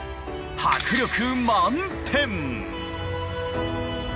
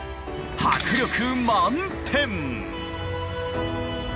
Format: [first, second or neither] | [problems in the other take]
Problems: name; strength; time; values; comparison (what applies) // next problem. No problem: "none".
first | background sound (Piano + Thunder / Rain); 13 dB below the speech